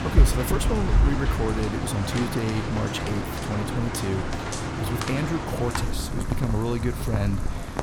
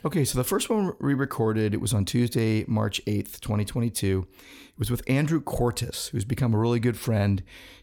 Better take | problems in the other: second | rain or running water; very loud; throughout; 1 dB above the speech

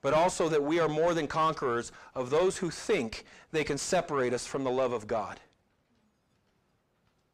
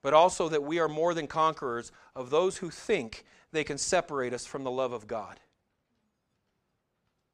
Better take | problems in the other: second | distortion; heavy; 7 dB below the speech

